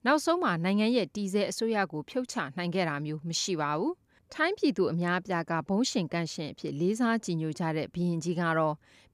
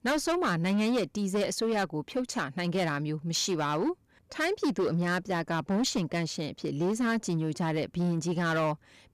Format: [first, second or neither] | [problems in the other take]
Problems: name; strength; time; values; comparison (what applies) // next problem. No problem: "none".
first | distortion; slight; 13% of the sound clipped